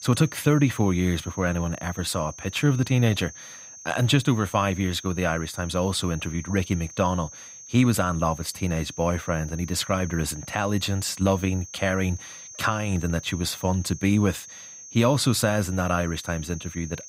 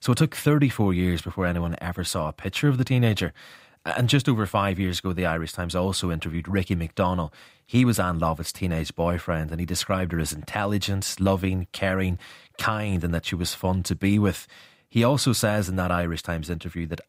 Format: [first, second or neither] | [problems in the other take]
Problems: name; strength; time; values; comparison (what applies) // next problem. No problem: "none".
second | high-pitched whine; noticeable; throughout; 6.5 kHz, 15 dB below the speech